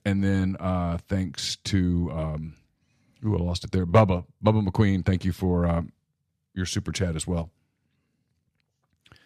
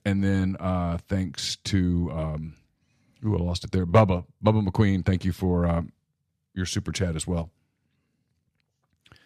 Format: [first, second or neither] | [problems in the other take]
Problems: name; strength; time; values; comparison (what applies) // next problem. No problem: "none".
neither | none